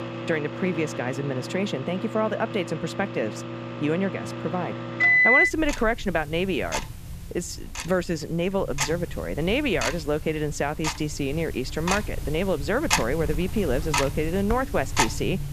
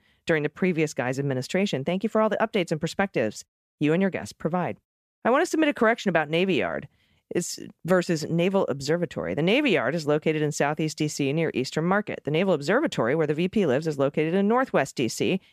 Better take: second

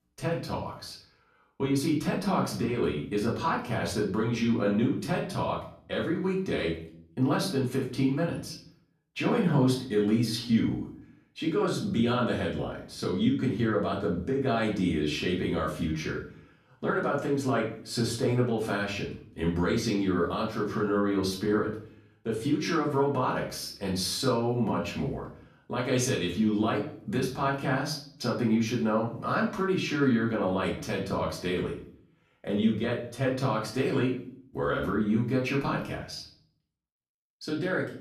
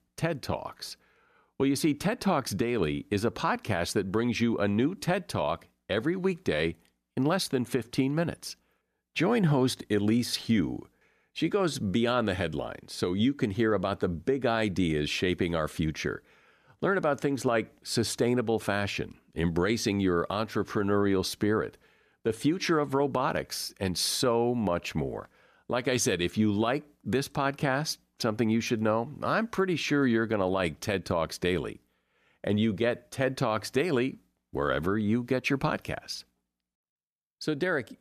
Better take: second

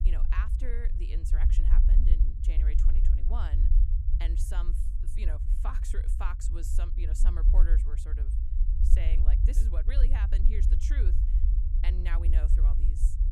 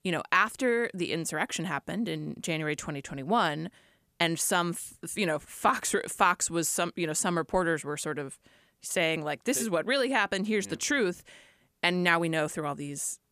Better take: second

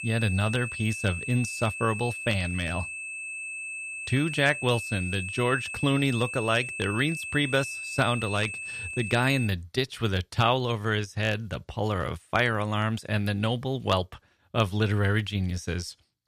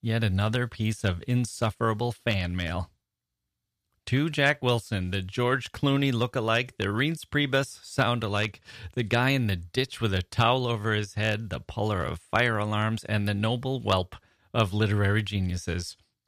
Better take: second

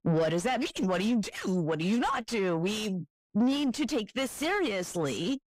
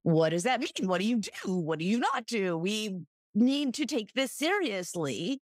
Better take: second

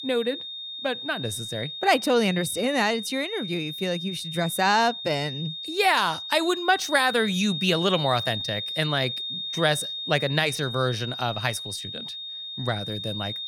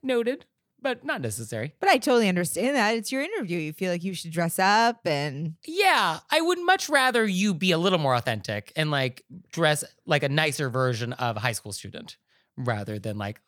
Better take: second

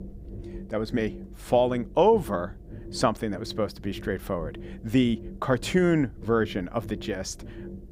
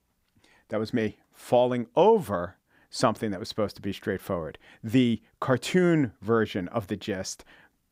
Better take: second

